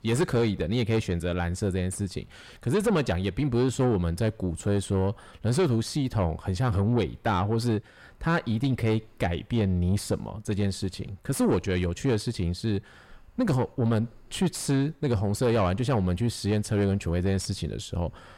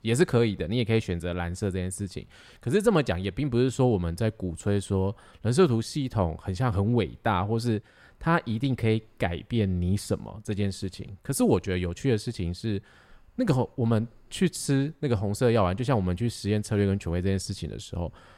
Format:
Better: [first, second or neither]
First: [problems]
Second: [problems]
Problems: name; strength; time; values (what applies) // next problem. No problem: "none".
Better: second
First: distortion; slight; 10 dB below the speech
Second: none